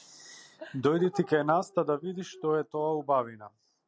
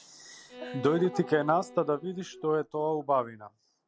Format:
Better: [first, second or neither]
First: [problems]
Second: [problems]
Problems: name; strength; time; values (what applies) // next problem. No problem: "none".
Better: first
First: none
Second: background sound (Bowed string instrument); 16 dB below the speech